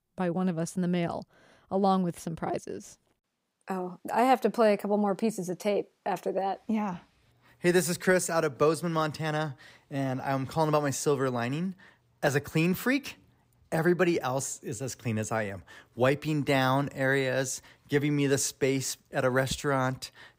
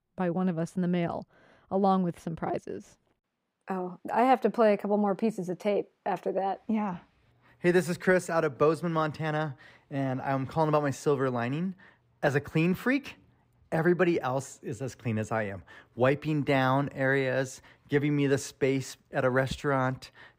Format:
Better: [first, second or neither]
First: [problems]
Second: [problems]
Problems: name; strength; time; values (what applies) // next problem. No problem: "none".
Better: first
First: none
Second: muffled; slightly; fading above 4 kHz